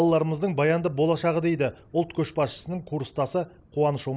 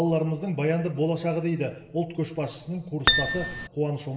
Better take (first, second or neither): first